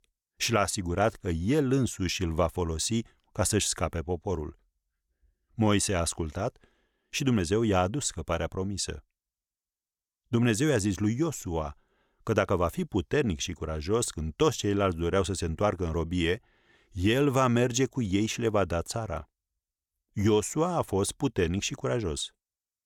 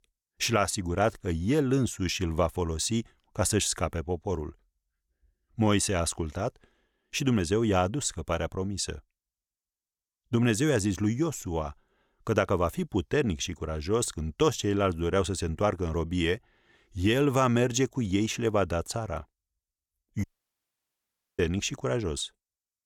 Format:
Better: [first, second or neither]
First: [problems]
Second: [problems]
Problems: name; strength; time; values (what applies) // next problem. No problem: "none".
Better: first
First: none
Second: audio cutting out; at 20 s for 1 s